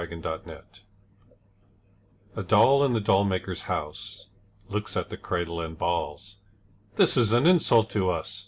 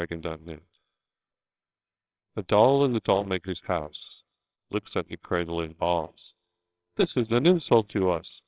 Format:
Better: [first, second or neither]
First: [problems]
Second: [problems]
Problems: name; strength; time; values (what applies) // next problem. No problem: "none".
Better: first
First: none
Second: noise reduction (neural separator model SepFormer WHAMR!)